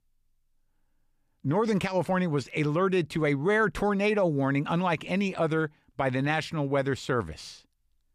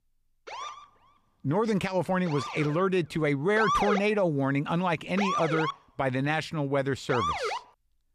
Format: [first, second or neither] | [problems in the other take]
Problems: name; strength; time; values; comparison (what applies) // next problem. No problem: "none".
first | siren; loud; until 7.5 s; peak 1 dB above the speech